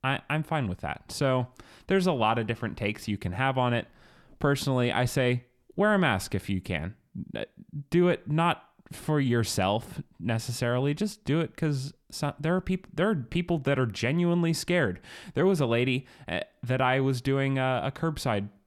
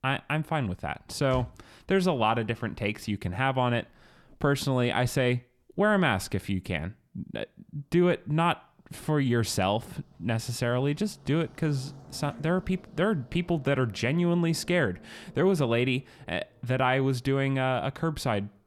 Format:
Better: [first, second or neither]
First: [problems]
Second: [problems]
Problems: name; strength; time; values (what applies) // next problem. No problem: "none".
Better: first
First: none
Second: traffic noise; faint; throughout; 25 dB below the speech